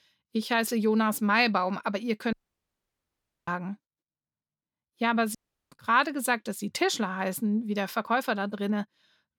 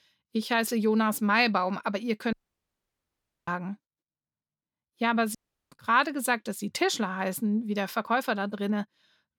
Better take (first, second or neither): neither